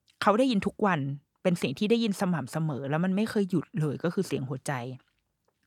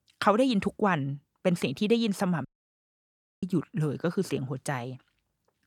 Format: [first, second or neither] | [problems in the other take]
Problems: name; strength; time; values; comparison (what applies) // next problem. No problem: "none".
first | audio cutting out; at 2.5 s for 1 s